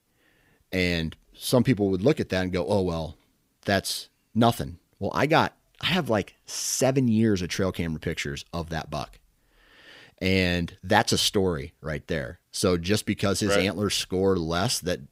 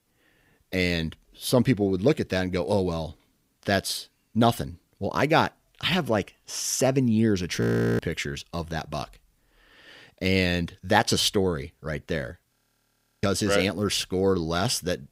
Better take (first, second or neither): first